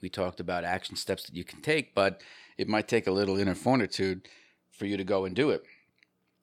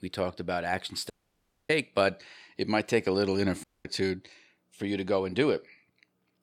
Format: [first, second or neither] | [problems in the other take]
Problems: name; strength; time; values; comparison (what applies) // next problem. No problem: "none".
first | audio cutting out; at 1 s for 0.5 s and at 3.5 s